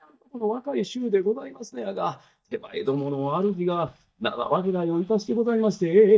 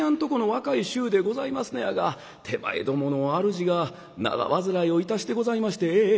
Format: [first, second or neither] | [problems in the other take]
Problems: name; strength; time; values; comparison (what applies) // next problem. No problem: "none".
second | noise reduction (neural mask model DeepFilterNet 3)